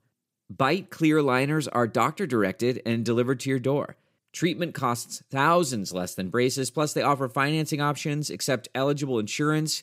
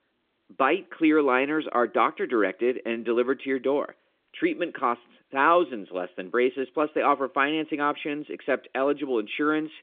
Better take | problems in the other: first | phone-call audio; nothing above 3.5 kHz

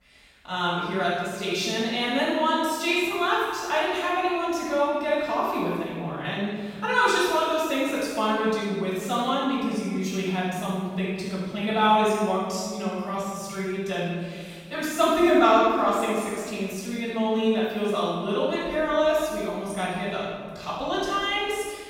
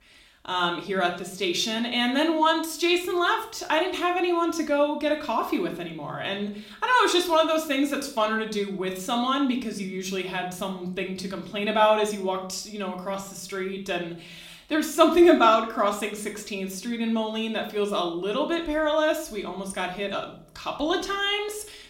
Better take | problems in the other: second | room echo; strong; dies away in 1.7 s; slight in the second // off-mic speech; far; somewhat distant in the second

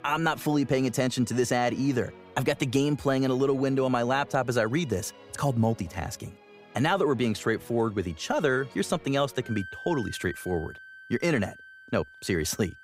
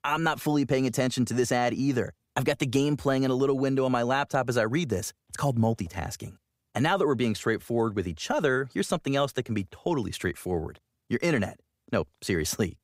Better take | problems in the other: second | background music; noticeable; throughout; 20 dB below the speech

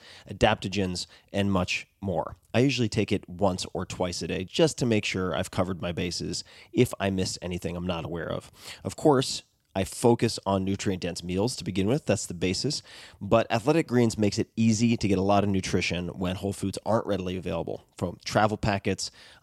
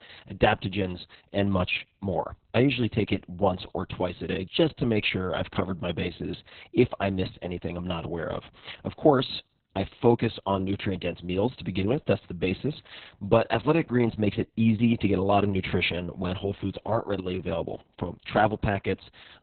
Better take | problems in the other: first | garbled, watery; badly; nothing above 4 kHz

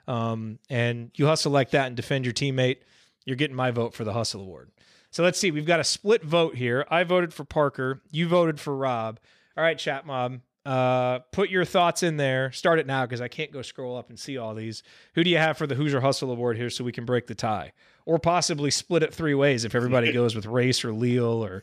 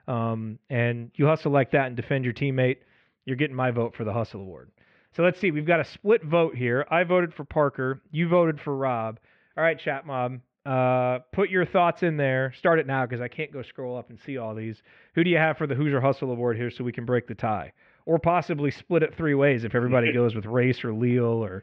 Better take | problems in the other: first | muffled; very; fading above 2.5 kHz

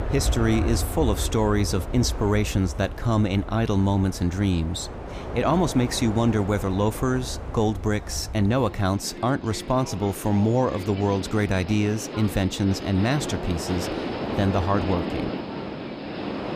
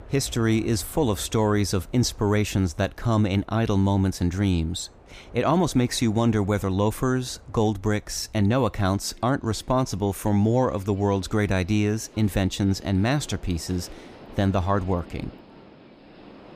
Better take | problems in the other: second | train or aircraft noise; loud; throughout; 8 dB below the speech; faint in the second

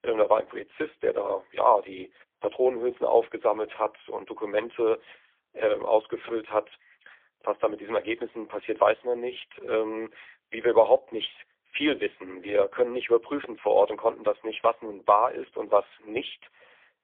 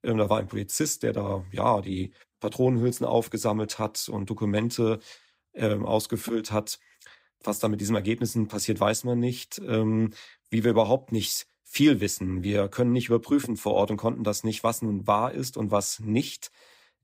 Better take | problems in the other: second | phone-call audio; poor line; nothing above 3.5 kHz

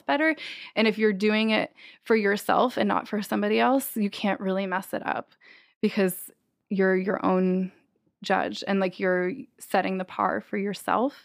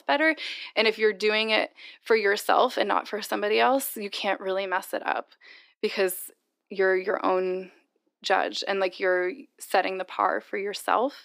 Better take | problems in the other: first | thin; somewhat; fading below 300 Hz

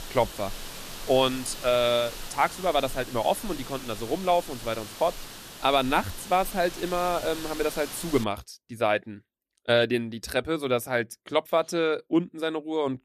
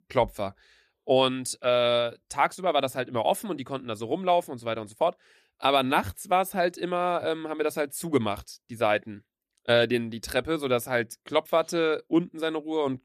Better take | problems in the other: second | hiss; noticeable; until 8 s; 10 dB below the speech

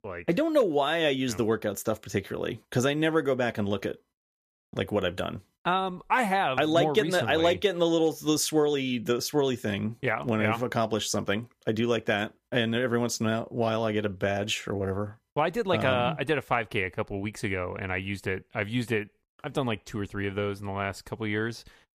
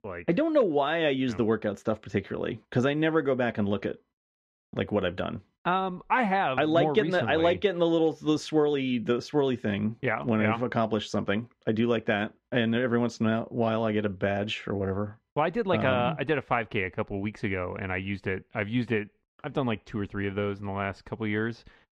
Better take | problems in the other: first | muffled; slightly; fading above 3 kHz

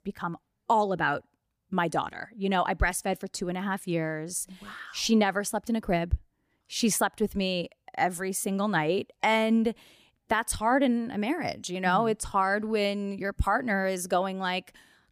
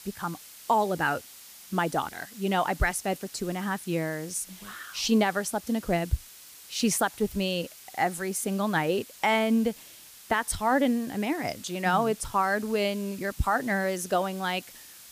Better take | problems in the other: first | hiss; noticeable; throughout; 20 dB below the speech

